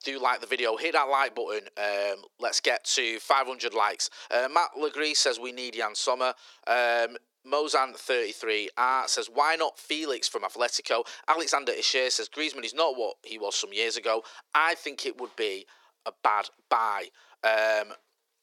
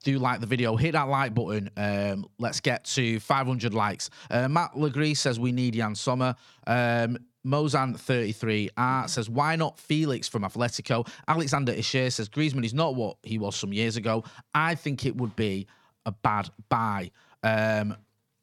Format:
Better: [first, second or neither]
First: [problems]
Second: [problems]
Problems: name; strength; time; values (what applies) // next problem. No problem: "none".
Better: second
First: thin; very; fading below 350 Hz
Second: none